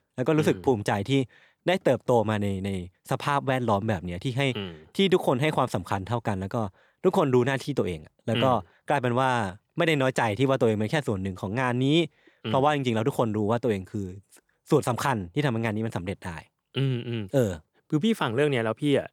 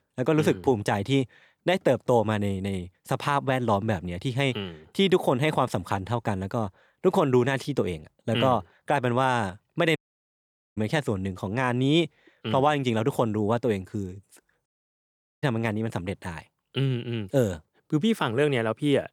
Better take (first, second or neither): first